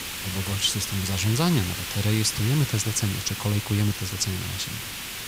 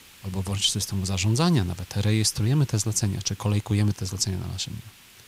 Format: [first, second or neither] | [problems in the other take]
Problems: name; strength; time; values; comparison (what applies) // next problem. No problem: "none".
second | hiss; loud; throughout; 5 dB below the speech; faint in the second